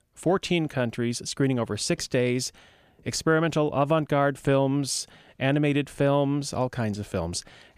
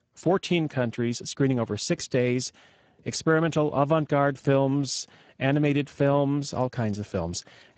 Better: first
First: none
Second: garbled, watery; badly; nothing above 7.5 kHz

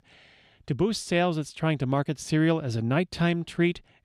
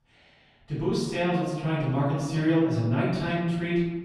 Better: first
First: none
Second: off-mic speech; far // room echo; noticeable; dies away in 1.2 s

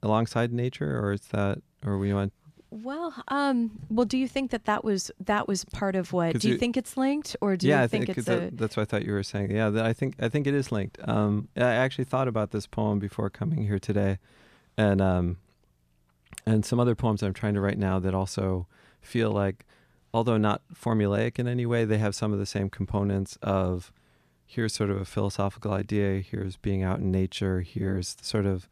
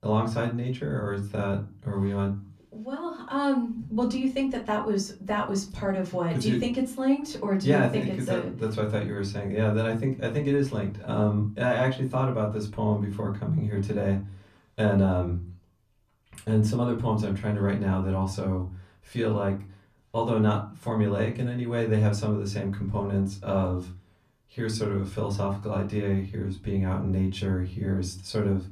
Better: first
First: none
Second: off-mic speech; far // room echo; very slight; dies away in 0.3 s

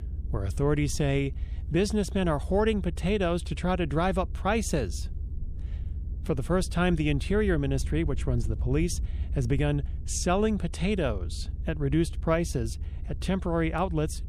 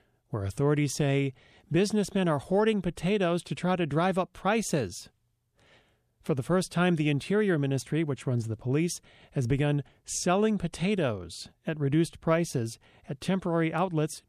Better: second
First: low rumble; faint; throughout; 25 dB below the speech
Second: none

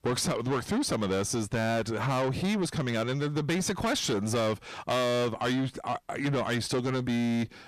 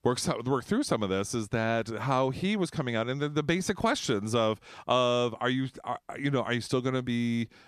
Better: second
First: distortion; heavy; 7 dB below the speech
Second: none

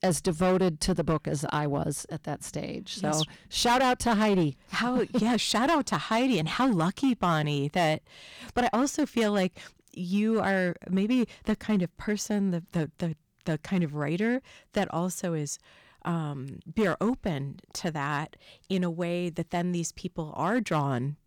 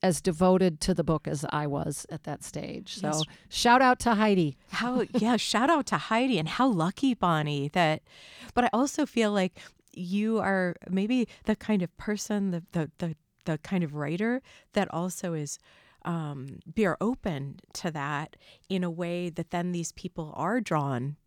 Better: second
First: distortion; slight; 6% of the sound clipped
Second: none

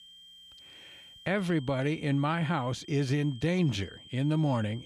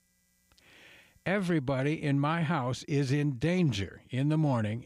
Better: second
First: high-pitched whine; noticeable; throughout; 3 kHz, 20 dB below the speech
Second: none

